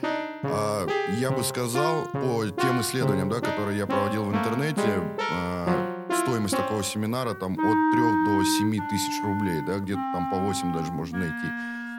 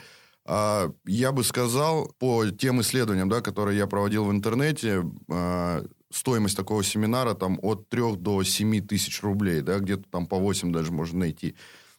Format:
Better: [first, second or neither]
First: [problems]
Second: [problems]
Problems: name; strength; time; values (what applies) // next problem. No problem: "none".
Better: second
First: background music; very loud; throughout; 1 dB above the speech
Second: none